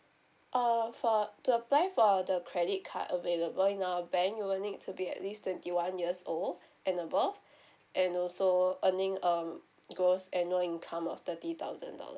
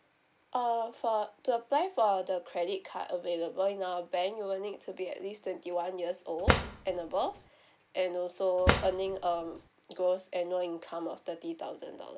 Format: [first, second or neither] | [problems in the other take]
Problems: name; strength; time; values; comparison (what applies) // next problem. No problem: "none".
first | background sound (Drawer open or close); 1 dB above the speech